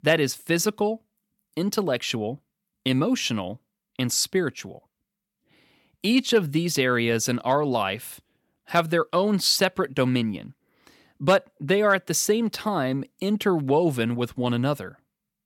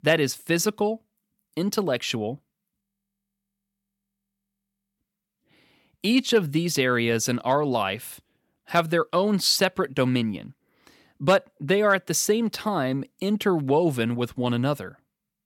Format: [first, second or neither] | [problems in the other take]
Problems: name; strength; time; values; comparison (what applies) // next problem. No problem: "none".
first | audio freezing; at 3 s for 2 s